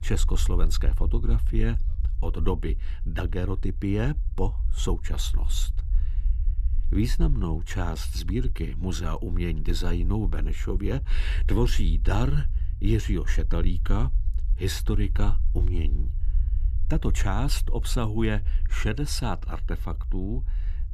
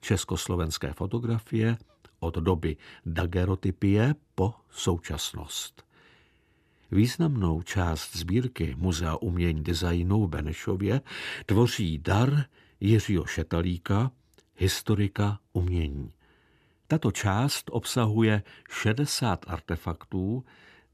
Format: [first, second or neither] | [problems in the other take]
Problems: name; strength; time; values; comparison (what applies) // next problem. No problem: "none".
second | low rumble; noticeable; throughout; 15 dB below the speech